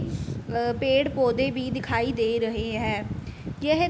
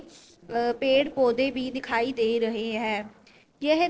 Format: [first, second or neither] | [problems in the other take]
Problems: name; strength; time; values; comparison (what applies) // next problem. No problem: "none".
first | noise reduction (neural separator model SepFormer DNS4)